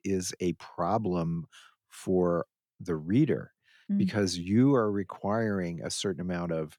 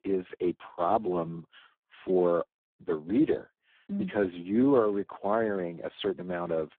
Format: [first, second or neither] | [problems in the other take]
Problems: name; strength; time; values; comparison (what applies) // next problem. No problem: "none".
first | phone-call audio; poor line